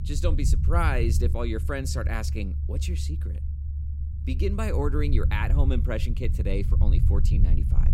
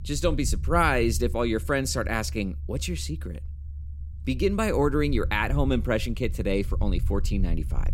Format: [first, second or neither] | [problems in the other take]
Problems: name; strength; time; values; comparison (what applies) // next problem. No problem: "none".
second | low rumble; loud; throughout; 10 dB below the speech; faint in the second